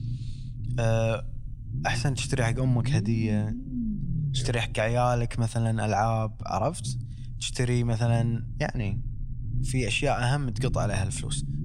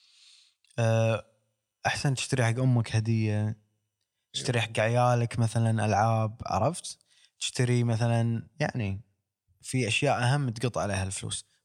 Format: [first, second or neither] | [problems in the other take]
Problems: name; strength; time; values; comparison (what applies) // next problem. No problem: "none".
second | low rumble; noticeable; throughout; 15 dB below the speech